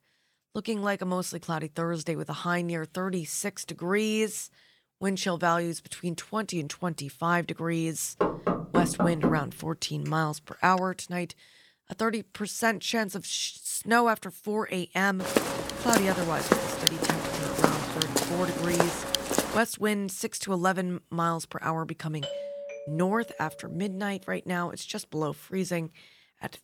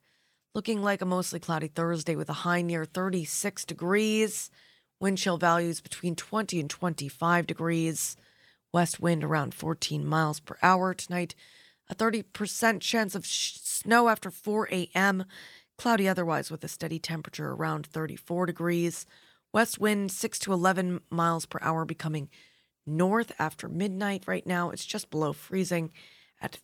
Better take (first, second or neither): second